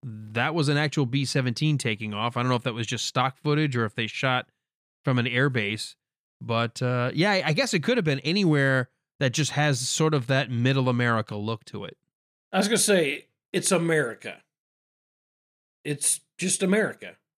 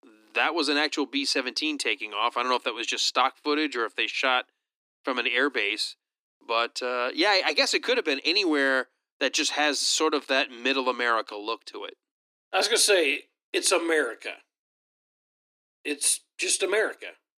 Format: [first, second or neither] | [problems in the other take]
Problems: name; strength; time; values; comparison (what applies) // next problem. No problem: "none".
first | thin; somewhat; fading below 300 Hz